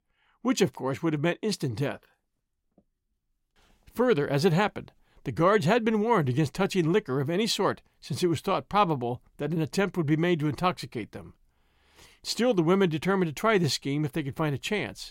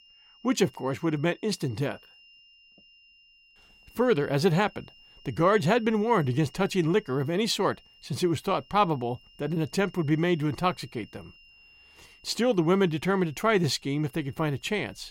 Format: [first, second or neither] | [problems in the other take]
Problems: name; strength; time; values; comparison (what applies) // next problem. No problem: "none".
first | high-pitched whine; faint; throughout; 3 kHz, 30 dB below the speech